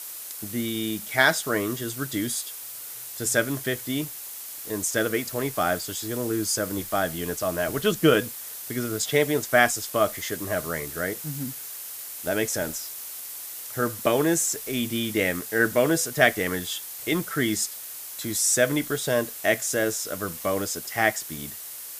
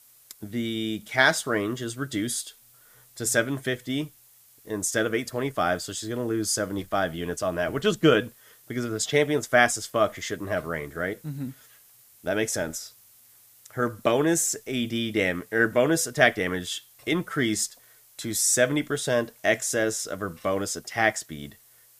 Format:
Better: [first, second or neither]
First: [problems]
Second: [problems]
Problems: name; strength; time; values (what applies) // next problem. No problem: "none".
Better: second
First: hiss; loud; throughout; 9 dB below the speech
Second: hiss; faint; throughout; 25 dB below the speech